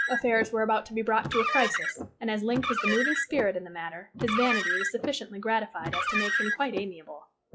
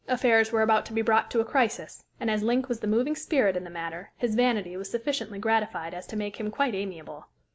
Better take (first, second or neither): second